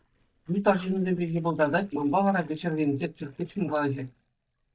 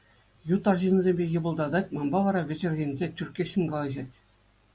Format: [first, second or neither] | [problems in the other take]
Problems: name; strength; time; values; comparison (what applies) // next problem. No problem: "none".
second | noise reduction (neural mask model DeepFilterNet 3)